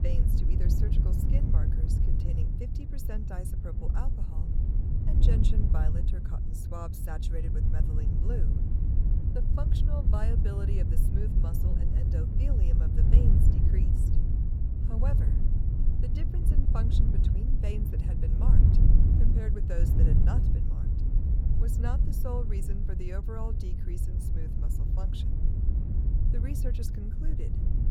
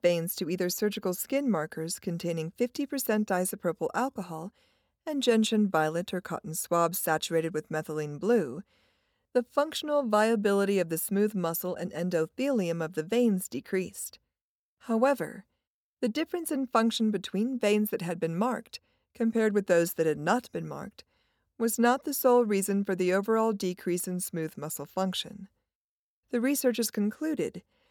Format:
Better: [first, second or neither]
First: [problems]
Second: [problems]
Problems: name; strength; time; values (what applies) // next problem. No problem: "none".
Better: second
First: wind noise on the microphone; heavy; 1 dB above the speech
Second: none